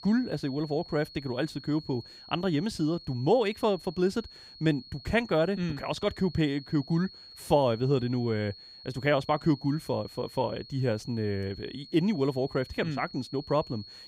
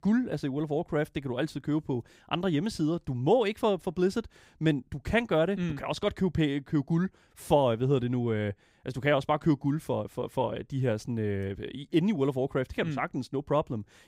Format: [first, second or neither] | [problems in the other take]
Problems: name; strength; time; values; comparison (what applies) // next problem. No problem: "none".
second | high-pitched whine; noticeable; throughout; 4.5 kHz, 15 dB below the speech